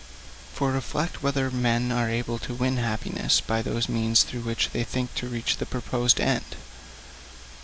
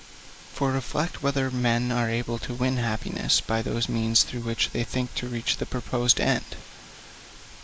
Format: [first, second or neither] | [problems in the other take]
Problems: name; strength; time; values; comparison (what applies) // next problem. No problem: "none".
first | noise reduction (neural mask model Resemble Enhance denoiser)